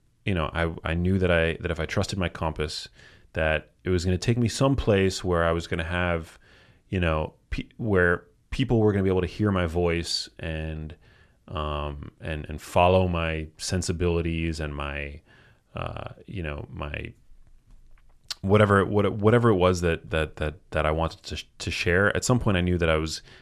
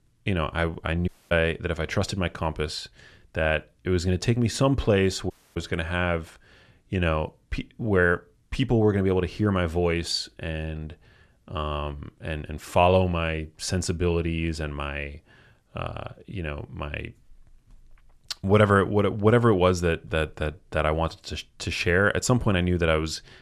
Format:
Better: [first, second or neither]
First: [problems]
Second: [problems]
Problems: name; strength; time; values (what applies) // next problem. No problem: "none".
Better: first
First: none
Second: audio cutting out; at 1 s and at 5.5 s